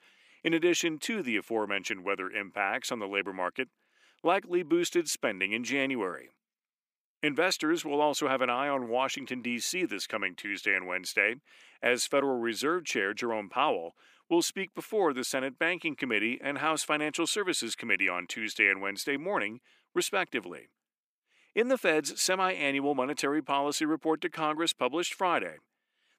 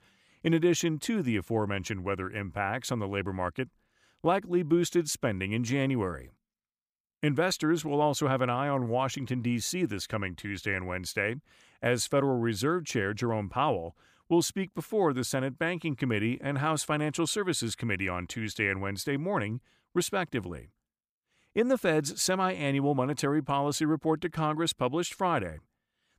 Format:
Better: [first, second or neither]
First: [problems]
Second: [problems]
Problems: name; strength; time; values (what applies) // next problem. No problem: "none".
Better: second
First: thin; very slightly; fading below 250 Hz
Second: none